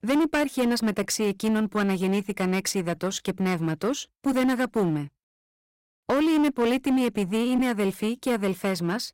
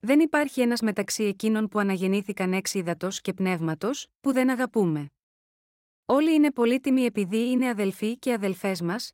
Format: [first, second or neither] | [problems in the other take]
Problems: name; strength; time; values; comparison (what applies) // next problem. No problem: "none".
second | distortion; slight; 12% of the sound clipped